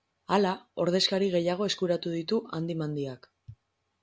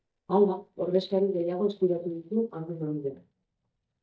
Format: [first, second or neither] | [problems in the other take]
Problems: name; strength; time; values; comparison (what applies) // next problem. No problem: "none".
first | noise reduction (neural mask model DeepFilterNet 3)